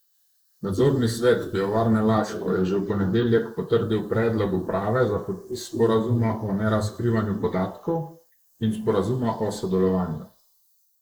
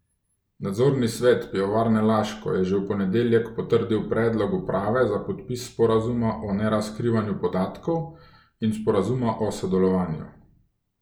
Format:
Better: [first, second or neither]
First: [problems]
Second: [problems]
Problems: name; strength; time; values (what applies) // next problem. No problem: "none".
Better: second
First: noise reduction (neural mask model Resemble Enhance denoiser)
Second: none